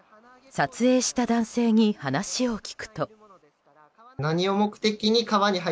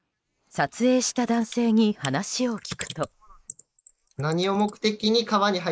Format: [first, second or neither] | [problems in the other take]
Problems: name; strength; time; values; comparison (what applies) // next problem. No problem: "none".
first | noise reduction (neural mask model Resemble Enhance denoiser)